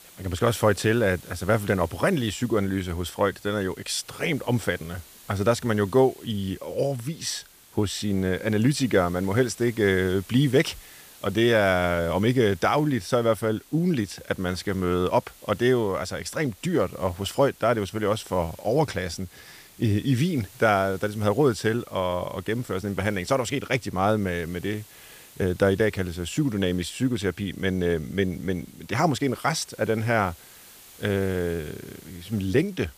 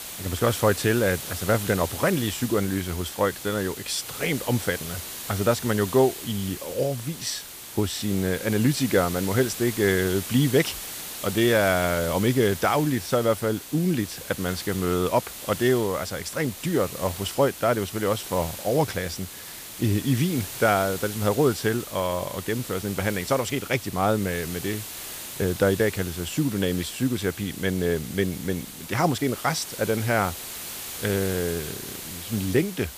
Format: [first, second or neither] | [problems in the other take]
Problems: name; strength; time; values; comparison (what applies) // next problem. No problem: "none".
first | hiss; loud; throughout; 9 dB below the speech; faint in the first